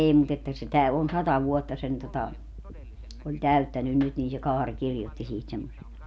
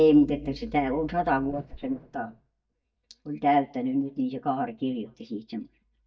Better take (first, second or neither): first